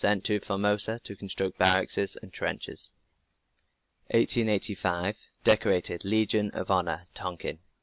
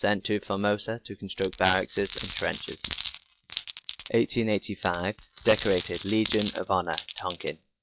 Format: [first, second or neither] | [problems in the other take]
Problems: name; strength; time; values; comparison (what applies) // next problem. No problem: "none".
first | noise reduction (classical method log-MMSE)